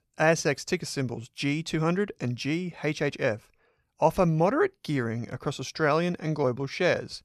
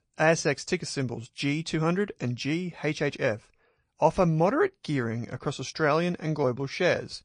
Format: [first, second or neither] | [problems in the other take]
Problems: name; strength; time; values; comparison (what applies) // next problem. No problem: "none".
first | garbled, watery; slightly; nothing above 9 kHz